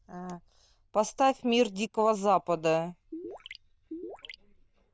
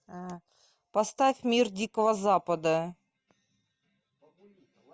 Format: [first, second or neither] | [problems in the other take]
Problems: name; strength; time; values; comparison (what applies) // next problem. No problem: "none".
second | noise reduction (neural diffusion model UNIVERSE++)